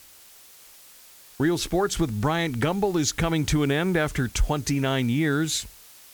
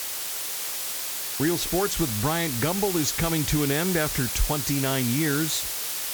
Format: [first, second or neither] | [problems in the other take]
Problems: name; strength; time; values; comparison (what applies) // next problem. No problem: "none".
first | hiss; loud; throughout; 1 dB below the speech; faint in the first